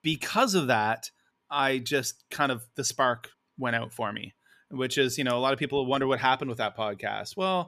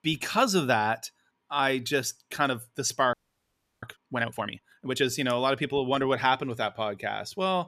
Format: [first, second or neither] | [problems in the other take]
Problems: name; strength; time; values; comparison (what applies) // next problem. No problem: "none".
first | audio freezing; at 3 s for 0.5 s